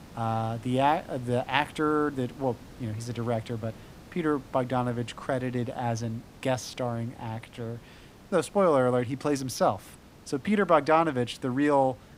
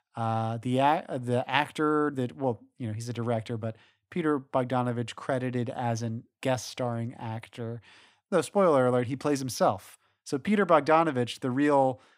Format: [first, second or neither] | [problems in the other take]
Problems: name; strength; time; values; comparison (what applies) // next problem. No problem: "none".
second | hiss; faint; throughout; 20 dB below the speech